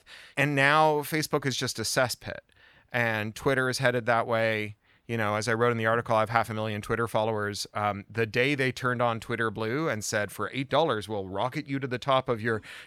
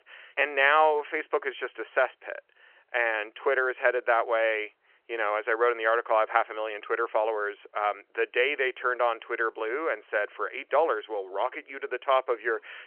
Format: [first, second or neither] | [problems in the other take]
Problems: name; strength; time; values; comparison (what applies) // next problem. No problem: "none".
first | phone-call audio